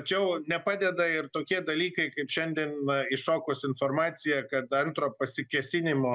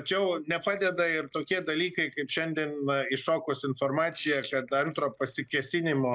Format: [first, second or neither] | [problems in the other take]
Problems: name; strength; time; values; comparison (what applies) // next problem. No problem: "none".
first | noise reduction (neural mask model Resemble Enhance denoiser)